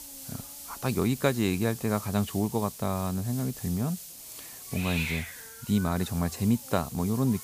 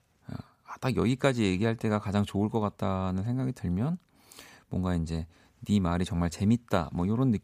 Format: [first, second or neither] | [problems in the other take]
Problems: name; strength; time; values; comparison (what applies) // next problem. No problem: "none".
second | hiss; loud; throughout; 10 dB below the speech